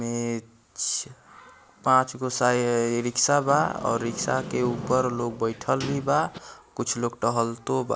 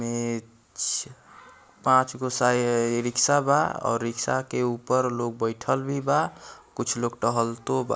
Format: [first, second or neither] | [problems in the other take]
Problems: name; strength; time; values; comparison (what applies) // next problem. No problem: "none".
second | background sound (Sliding door); 11 dB below the speech